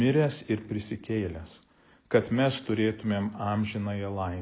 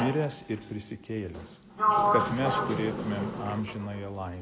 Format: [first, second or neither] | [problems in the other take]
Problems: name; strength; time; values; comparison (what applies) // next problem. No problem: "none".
first | background sound (Sliding door); 2 dB above the speech